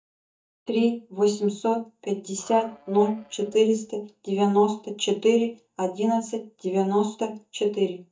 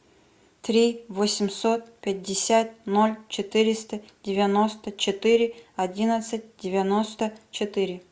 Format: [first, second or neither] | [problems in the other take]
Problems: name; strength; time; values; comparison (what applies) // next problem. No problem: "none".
second | noise reduction (neural mask model DeepFilterNet 3)